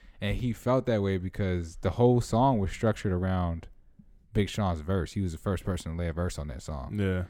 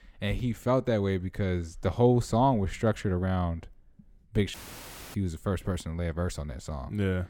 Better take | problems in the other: first | audio cutting out; filled with static; at 4.5 s for 0.5 s

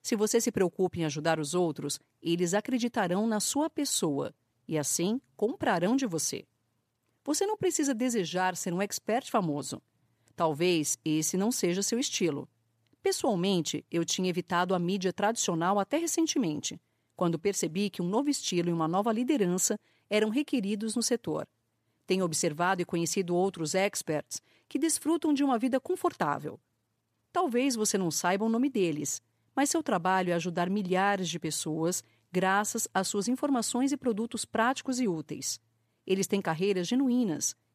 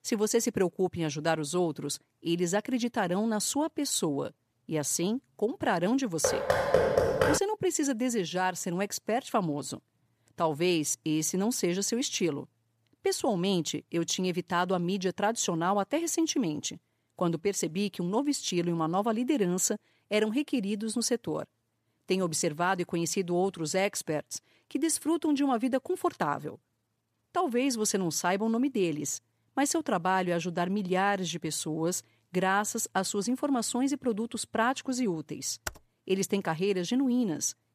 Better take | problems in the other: first | door banging; loud; from 6 to 7.5 s; peak 5 dB above the speech // keyboard typing; very faint; at 36 s; peak 10 dB below the speech

